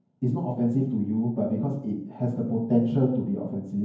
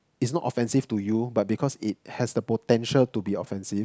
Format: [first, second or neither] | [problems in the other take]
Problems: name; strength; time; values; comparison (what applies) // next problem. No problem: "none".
second | room echo; dies away in 0.9 s